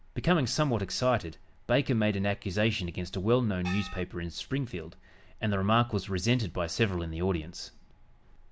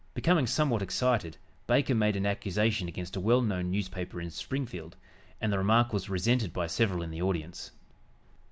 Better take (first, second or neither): second